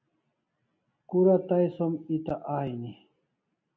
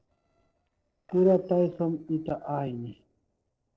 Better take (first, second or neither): first